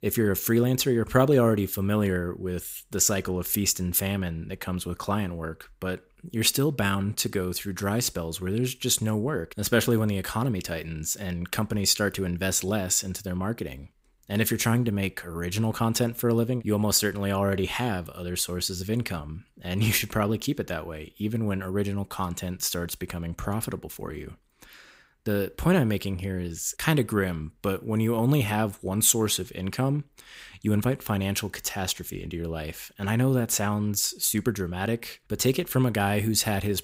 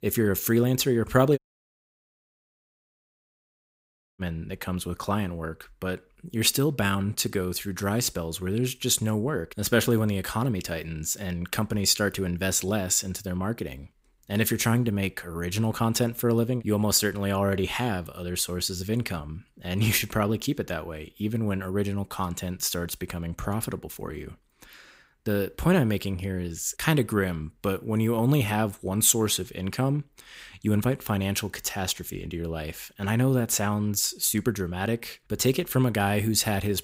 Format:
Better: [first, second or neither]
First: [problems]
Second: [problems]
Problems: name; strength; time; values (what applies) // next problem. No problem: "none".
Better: first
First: none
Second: audio cutting out; at 1.5 s for 3 s